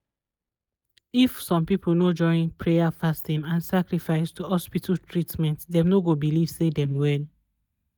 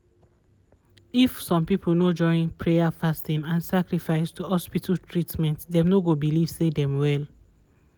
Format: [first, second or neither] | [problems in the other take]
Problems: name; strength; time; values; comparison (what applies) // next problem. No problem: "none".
second | noise reduction (neural mask model DeepFilterNet 3)